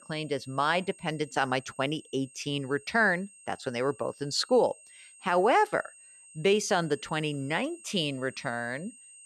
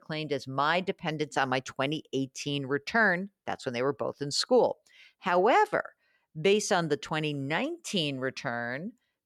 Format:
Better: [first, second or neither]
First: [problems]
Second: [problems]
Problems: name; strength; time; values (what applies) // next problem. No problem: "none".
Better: second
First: high-pitched whine; faint; throughout; 8.5 kHz, 20 dB below the speech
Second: none